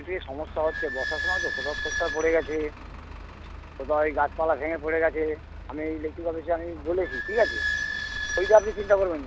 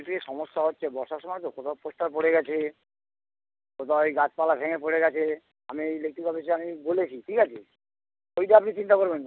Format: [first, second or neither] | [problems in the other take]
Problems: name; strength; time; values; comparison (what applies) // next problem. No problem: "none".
second | background sound (Squeak / Idling); 7 dB below the speech